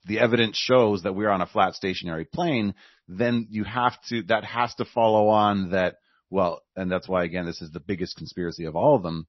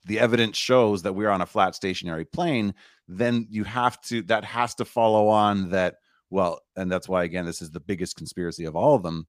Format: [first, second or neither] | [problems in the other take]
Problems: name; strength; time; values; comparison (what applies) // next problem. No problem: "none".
second | garbled, watery; slightly; nothing above 6 kHz